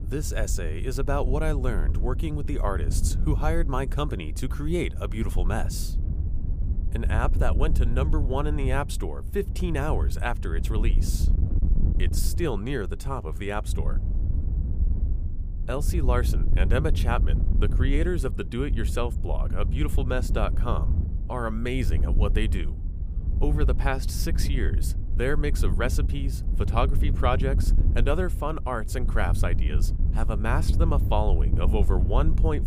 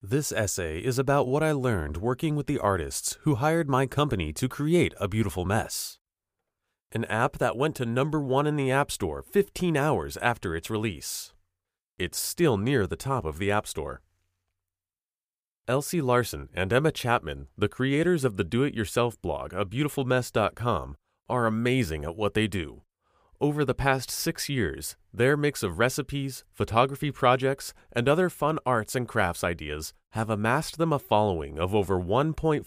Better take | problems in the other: second | wind noise on the microphone; occasional gusts; 10 dB below the speech

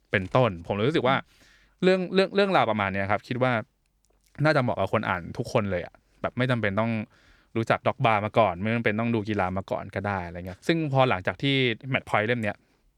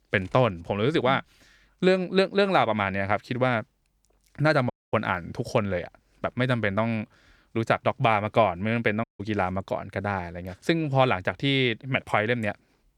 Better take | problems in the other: first | audio cutting out; at 4.5 s and at 9 s

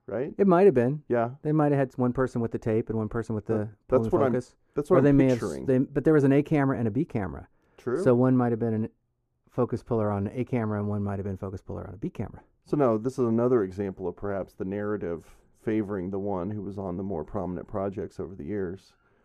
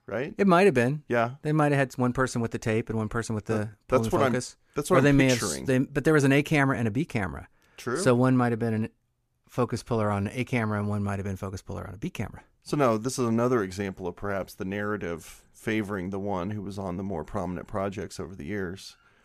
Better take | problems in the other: second | muffled; slightly; fading above 1.5 kHz

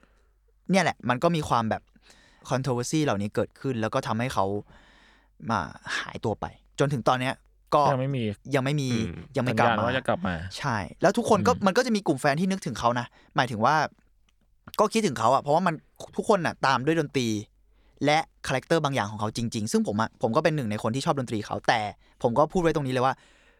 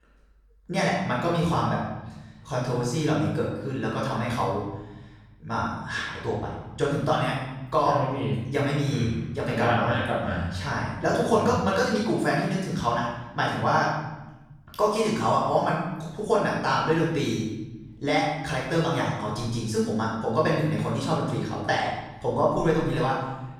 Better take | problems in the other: first | off-mic speech; far // room echo; noticeable; dies away in 1 s

